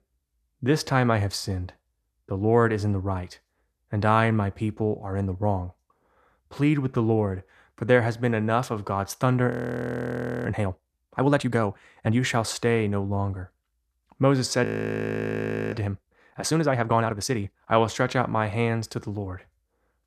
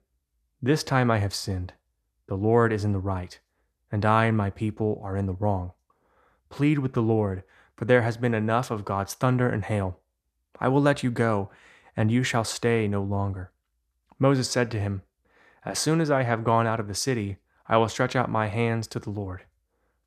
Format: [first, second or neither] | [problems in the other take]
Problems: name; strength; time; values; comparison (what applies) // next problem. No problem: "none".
second | audio freezing; at 9.5 s for 1 s and at 15 s for 1 s